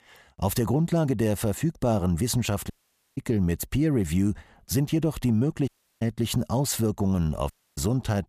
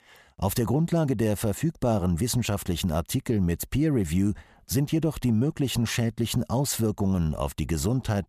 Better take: second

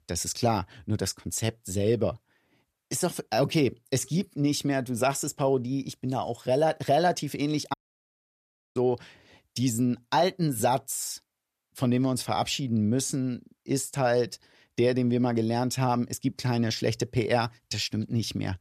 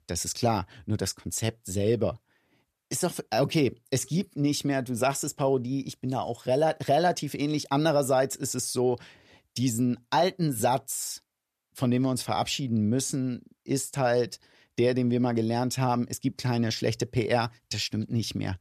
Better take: second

